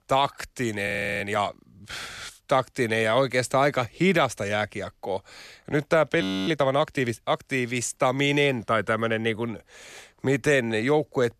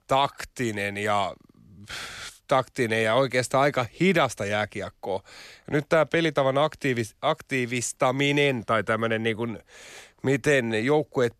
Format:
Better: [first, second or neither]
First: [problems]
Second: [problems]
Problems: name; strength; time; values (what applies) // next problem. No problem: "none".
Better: second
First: audio freezing; at 1 s and at 6 s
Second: none